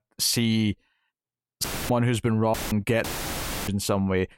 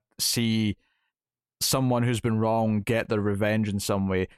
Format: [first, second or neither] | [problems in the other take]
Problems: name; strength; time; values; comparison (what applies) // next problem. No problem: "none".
second | audio cutting out; filled with static; at 1.5 s, at 2.5 s and at 3 s for 0.5 s